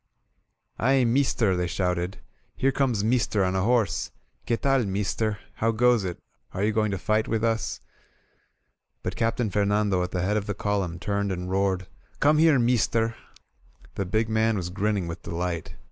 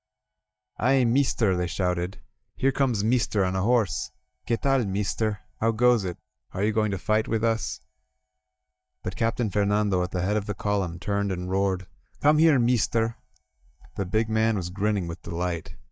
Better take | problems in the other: first | noise reduction (neural mask model DeepFilterNet 3)

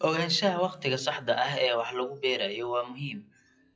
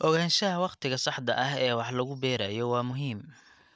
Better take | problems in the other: second | noise reduction (classical method WPE with log-MMSE)

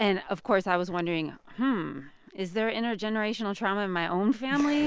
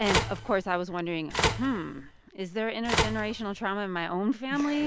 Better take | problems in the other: first | background sound (Telephone); 2 dB below the speech

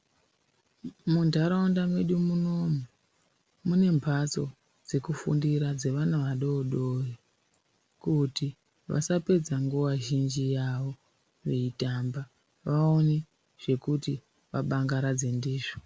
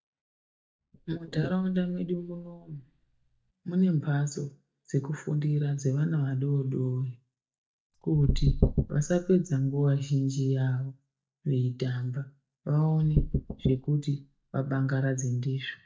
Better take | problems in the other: first | noise reduction (neural mask model DeepFilterNet 3)

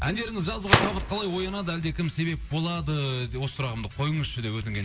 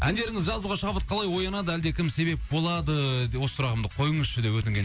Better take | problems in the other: second | background sound (Gunshot, gunfire); 3 dB below the speech // room echo; dies away in 1 s

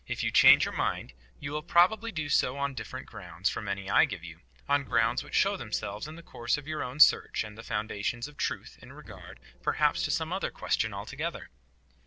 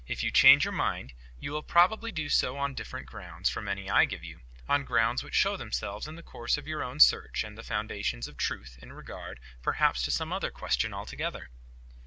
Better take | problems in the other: second | noise reduction (neural separator model SepFormer DNS4)

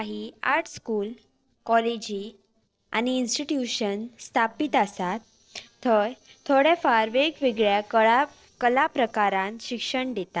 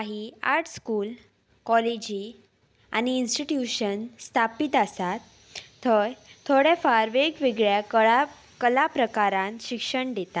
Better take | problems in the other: second | noise reduction (neural separator model SepFormer DNS4)

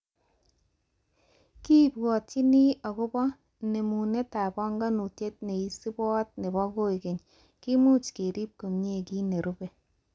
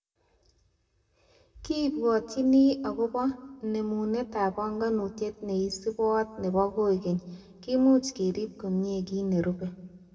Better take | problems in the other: first | room echo; dies away in 1.1 s

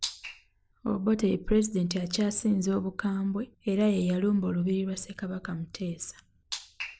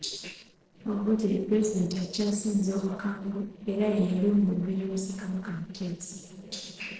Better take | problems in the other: first | noise reduction (neural separator model SepFormer DNS4)

